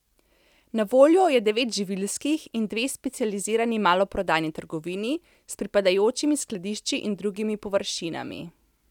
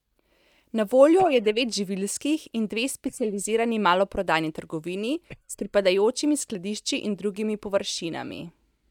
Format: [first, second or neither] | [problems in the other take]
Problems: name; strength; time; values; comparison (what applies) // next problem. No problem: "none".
first | noise reduction (neural mask model DeepFilterNet 3)